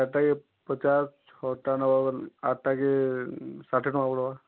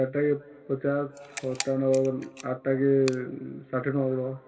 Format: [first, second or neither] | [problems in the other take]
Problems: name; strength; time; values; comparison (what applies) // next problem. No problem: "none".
first | background sound (Camera); 16 dB below the speech // room echo; dies away in 2.3 s